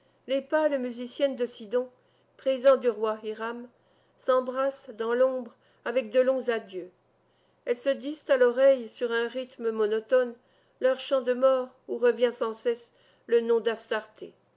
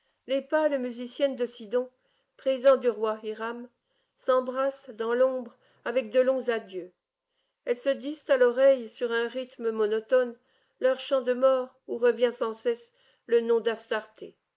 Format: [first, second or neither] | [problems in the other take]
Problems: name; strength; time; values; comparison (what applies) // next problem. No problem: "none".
first | noise reduction (neural mask model Resemble Enhance denoiser)